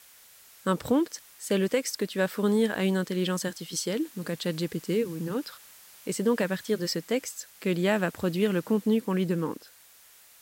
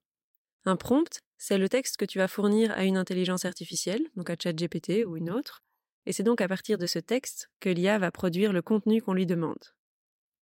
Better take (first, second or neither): second